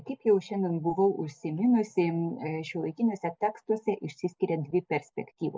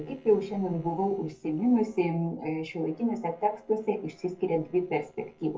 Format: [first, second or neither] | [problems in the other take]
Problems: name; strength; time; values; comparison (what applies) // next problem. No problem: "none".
first | noise reduction (neural separator model SepFormer DNS4)